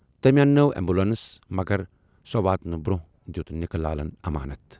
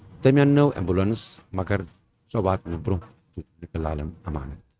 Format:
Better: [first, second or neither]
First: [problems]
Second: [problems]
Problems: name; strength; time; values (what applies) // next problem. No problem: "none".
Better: first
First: none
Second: noise reduction (neural mask model RNNoise)